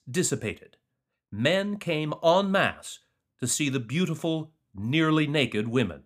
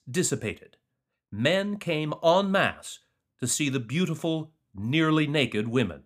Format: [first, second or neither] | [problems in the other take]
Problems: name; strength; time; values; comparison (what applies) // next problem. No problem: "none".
neither | none